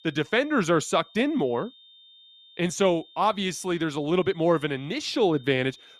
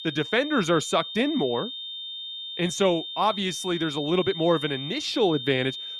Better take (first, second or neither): first